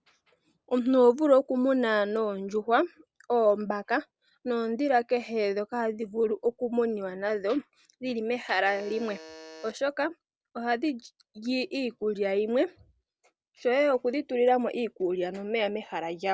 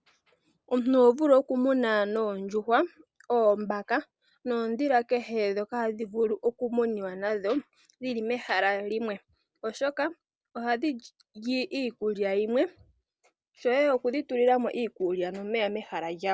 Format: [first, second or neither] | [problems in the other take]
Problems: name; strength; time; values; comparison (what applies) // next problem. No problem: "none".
second | background sound (Alarm); 19 dB below the speech